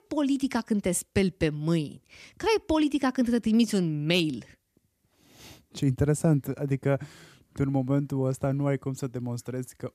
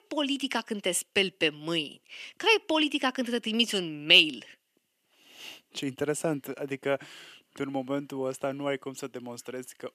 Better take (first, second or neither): first